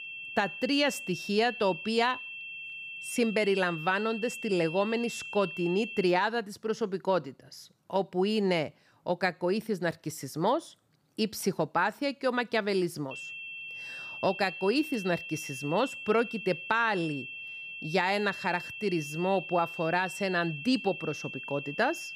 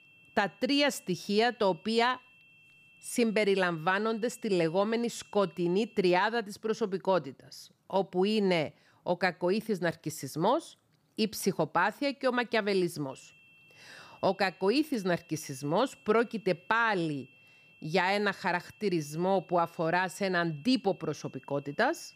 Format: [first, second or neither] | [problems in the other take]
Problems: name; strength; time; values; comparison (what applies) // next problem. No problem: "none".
second | high-pitched whine; loud; until 6 s and from 13 s on; 2.5 kHz, 9 dB below the speech; faint in the second